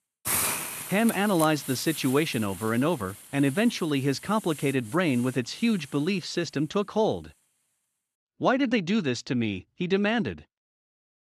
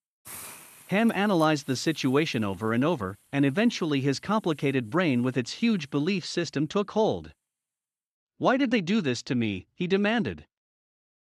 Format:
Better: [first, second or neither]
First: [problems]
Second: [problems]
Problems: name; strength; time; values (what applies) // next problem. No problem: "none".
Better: second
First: hiss; loud; until 8 s; 7 dB below the speech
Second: hiss; faint; until 8 s; 25 dB below the speech